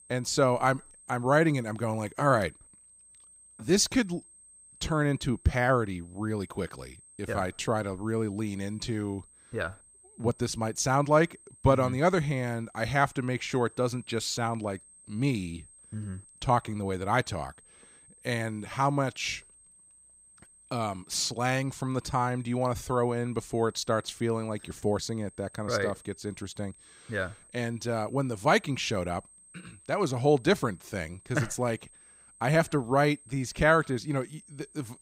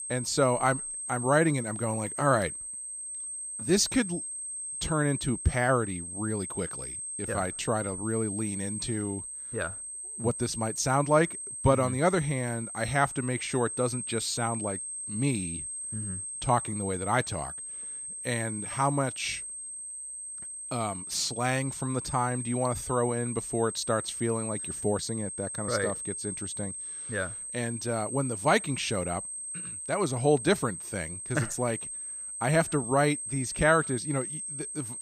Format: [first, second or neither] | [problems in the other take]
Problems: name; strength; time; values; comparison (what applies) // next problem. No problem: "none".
first | high-pitched whine; loud; throughout; 8.5 kHz, 6 dB below the speech; faint in the first